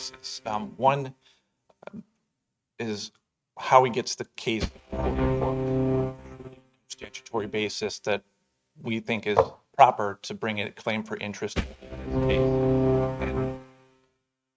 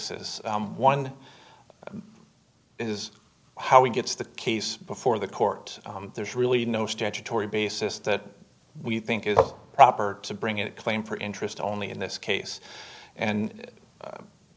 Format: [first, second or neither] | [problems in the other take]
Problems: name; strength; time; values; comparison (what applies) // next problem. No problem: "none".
second | noise reduction (neural mask model RNNoise)